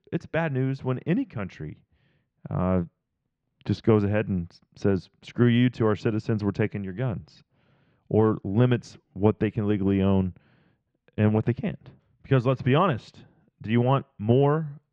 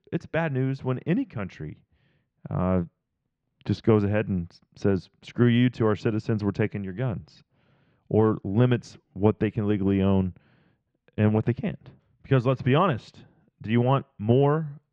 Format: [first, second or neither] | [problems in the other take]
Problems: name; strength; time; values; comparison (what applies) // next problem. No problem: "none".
neither | muffled; very; fading above 3 kHz; the same in both